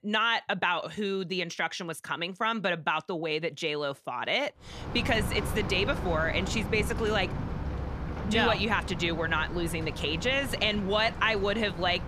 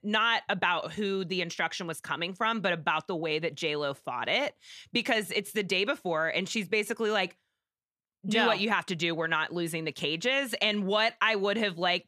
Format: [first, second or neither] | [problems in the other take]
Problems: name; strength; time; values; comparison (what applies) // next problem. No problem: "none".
second | rain or running water; loud; from 5 s on; 7 dB below the speech